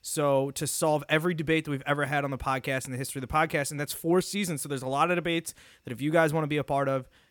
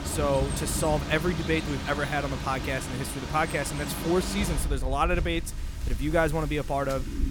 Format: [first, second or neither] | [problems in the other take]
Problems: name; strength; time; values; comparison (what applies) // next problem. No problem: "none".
first | rain or running water; loud; throughout; 5 dB below the speech